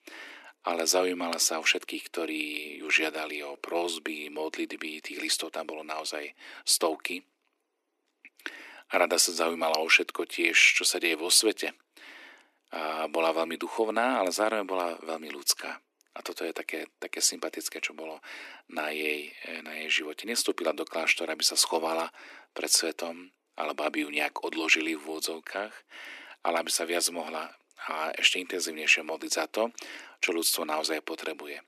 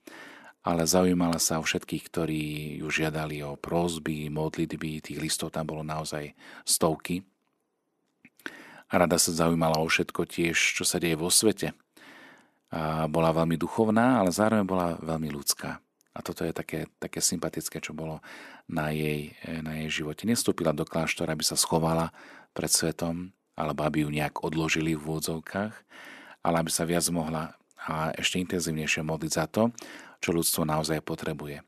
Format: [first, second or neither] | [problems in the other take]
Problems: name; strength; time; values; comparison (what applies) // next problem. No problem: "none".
second | thin; somewhat; fading below 300 Hz